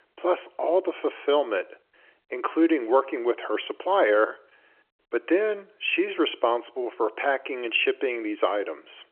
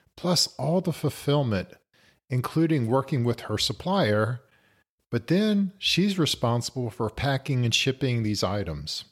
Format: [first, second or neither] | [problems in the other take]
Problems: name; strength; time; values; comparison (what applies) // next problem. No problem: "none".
second | phone-call audio; nothing above 3 kHz